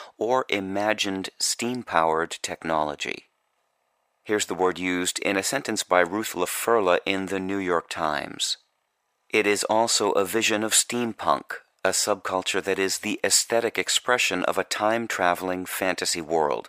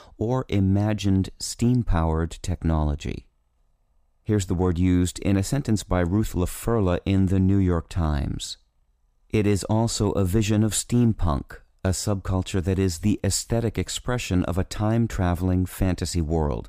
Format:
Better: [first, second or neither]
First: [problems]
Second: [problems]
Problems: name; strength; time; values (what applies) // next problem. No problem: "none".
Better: second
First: thin; very; fading below 600 Hz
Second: none